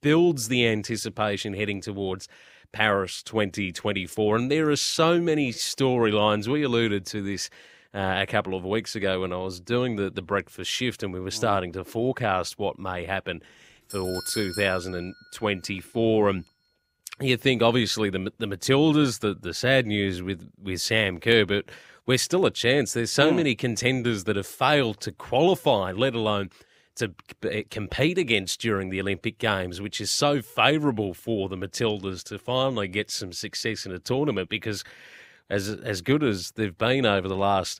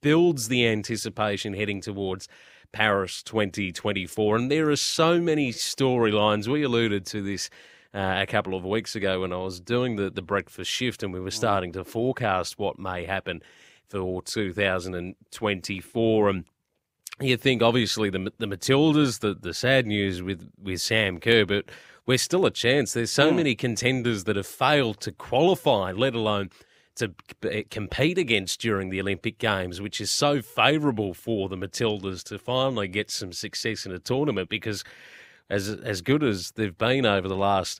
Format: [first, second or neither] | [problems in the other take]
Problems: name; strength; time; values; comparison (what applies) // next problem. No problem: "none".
second | doorbell; noticeable; from 14 to 15 s; peak 6 dB below the speech